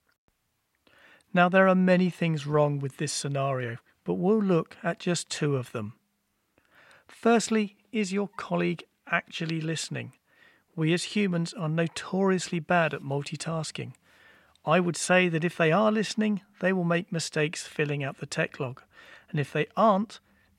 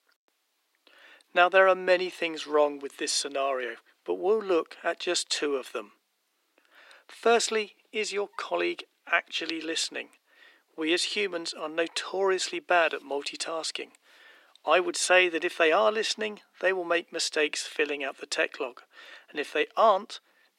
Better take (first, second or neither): first